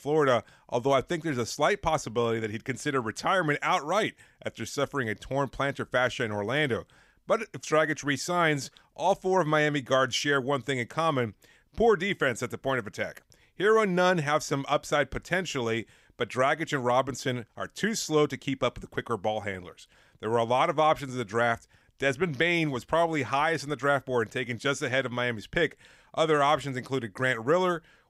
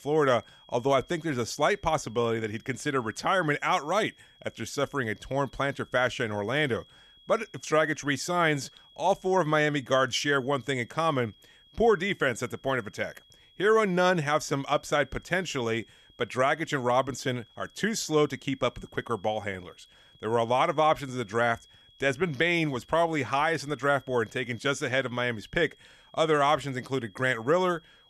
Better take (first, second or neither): first